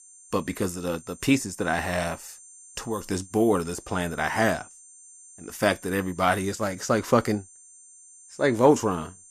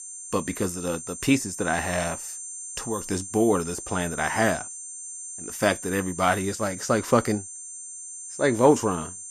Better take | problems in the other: first | high-pitched whine; loud; throughout; 8.5 kHz, 10 dB below the speech; faint in the first

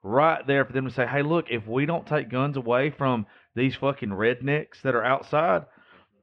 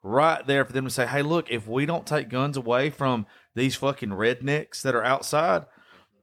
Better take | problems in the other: second | muffled; very; fading above 3 kHz

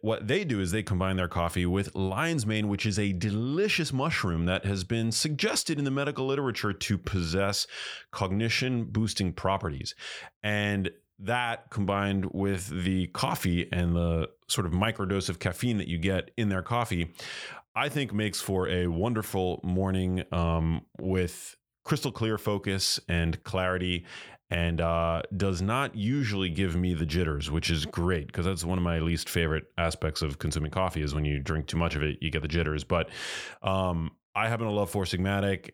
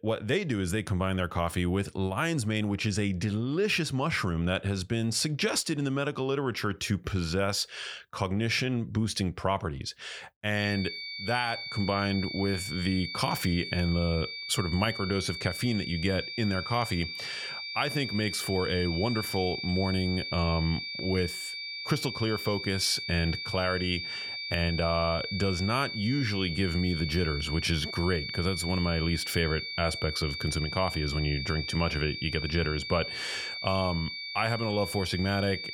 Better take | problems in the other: first | high-pitched whine; loud; from 11 s on; 4.5 kHz, 5 dB below the speech

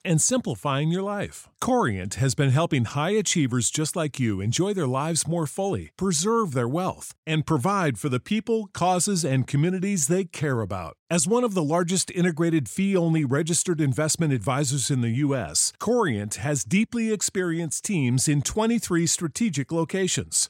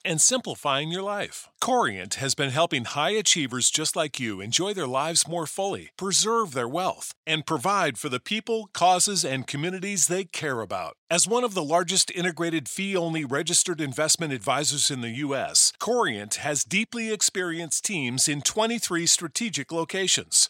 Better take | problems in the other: first | thin; somewhat; fading below 1 kHz

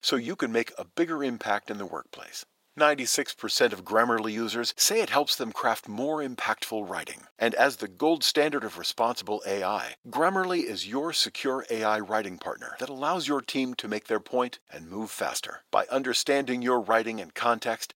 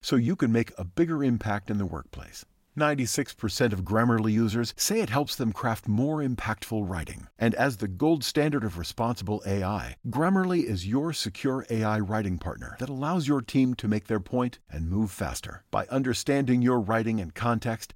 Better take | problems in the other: second | thin; somewhat; fading below 500 Hz

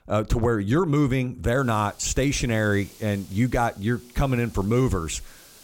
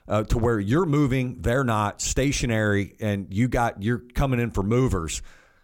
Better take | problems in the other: second | hiss; faint; from 1.5 s on; 25 dB below the speech

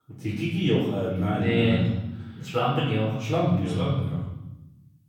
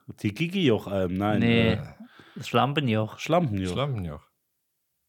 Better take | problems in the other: second | off-mic speech; far // room echo; noticeable; dies away in 1 s

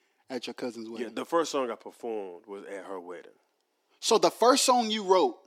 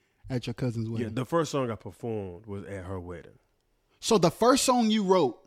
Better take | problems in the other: second | thin; somewhat; fading below 250 Hz

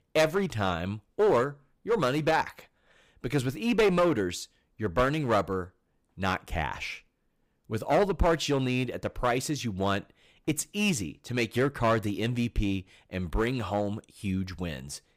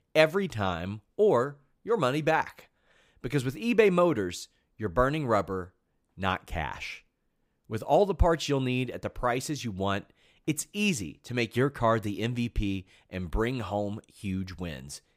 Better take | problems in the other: second | distortion; slight; 6% of the sound clipped

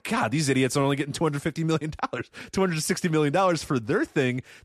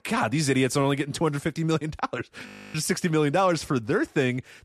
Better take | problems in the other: first | audio freezing; at 2.5 s

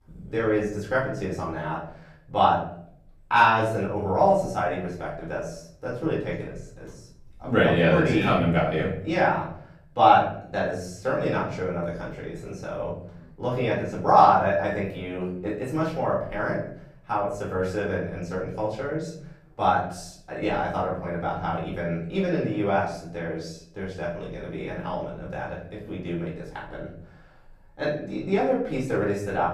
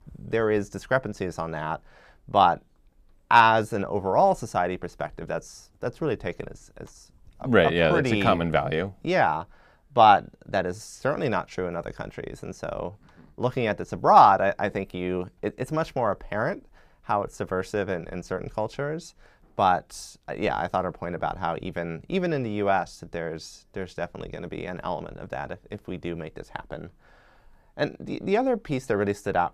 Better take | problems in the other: second | off-mic speech; far // room echo; noticeable; dies away in 0.6 s

